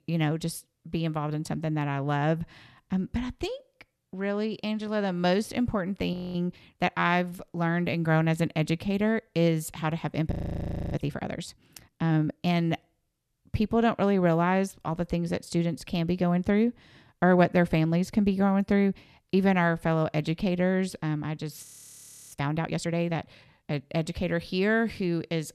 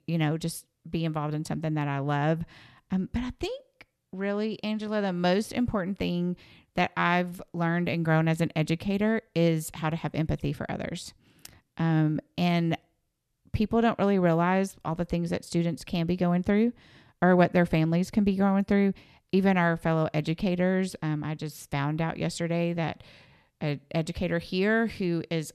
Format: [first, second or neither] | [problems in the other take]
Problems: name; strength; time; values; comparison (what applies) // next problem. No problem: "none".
second | audio freezing; at 6 s, at 10 s for 0.5 s and at 22 s for 0.5 s